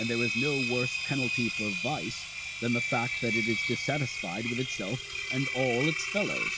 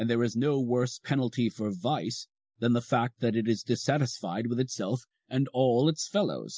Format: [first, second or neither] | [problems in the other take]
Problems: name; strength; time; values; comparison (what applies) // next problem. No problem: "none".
second | background sound (Engine); 1 dB below the speech